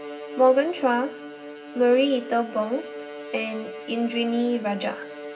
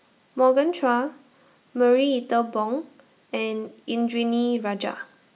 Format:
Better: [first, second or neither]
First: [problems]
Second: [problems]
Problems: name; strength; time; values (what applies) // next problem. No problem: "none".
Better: second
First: background sound (Bowed string instrument); 12 dB below the speech // room echo; dies away in 0.4 s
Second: none